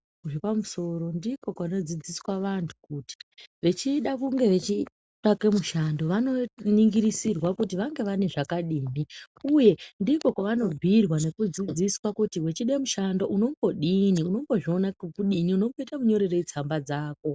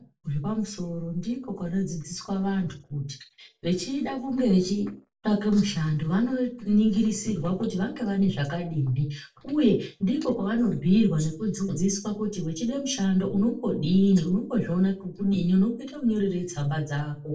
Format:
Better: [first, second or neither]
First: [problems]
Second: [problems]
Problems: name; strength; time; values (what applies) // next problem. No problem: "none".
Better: first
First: none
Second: room echo; dies away in 0.3 s